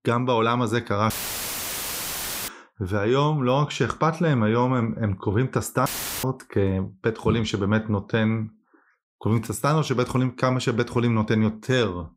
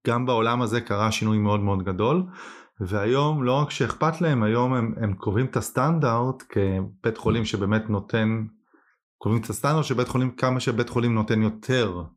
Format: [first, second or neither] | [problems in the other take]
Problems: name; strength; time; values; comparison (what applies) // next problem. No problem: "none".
second | audio cutting out; filled with static; at 1 s for 1.5 s and at 6 s